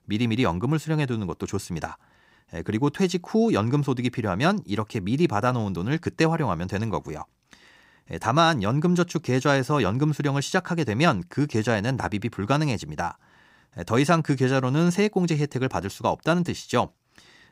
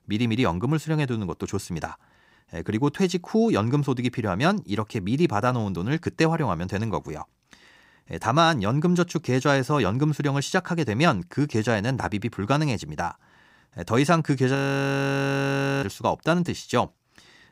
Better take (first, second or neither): first